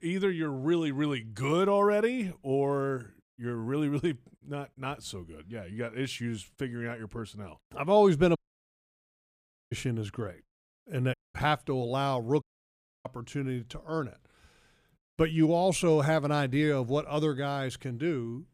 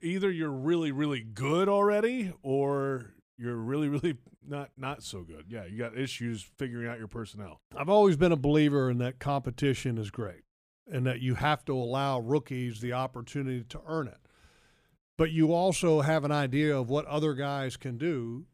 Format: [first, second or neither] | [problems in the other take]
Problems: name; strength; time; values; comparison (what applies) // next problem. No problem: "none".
second | audio cutting out; at 8.5 s for 1.5 s, at 11 s and at 12 s for 0.5 s